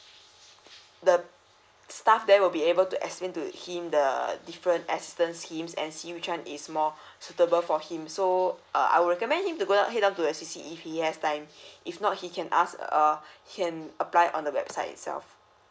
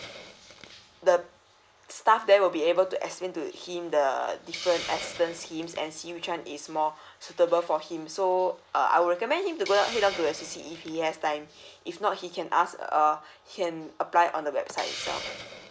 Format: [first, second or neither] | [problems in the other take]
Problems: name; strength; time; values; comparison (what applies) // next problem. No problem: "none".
first | background sound (Hiss); 16 dB below the speech